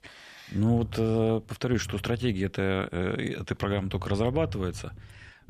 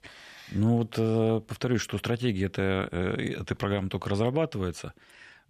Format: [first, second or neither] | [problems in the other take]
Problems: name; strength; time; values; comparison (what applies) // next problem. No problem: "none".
second | low rumble; faint; from 0.5 to 2.5 s and from 3.5 s on; 25 dB below the speech